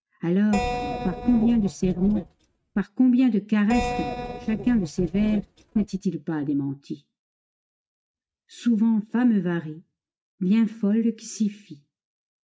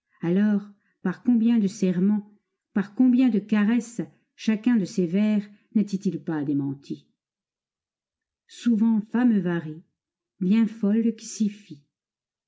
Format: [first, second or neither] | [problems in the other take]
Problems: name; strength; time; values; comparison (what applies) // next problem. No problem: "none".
second | noise reduction (neural mask model RNNoise)